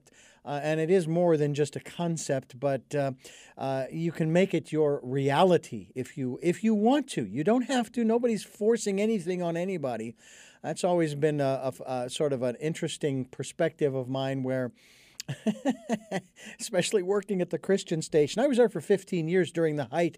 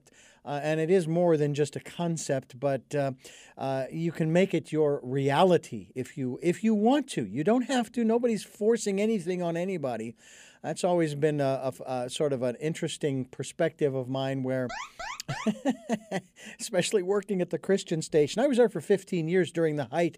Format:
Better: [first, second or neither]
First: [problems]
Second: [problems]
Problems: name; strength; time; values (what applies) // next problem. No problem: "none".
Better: first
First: none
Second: alarm; noticeable; at 15 s; peak 9 dB below the speech